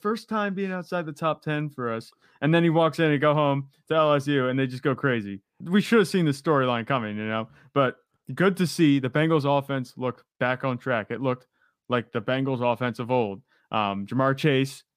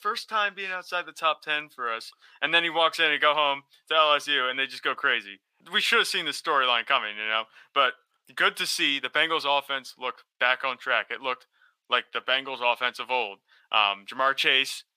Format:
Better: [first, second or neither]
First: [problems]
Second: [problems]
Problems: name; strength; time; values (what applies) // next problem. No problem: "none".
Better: first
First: none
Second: thin; very; fading below 900 Hz